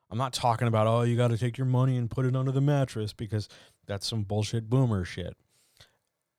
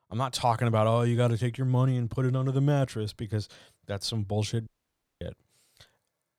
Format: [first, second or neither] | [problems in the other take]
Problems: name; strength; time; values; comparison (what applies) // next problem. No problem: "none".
first | audio cutting out; at 4.5 s for 0.5 s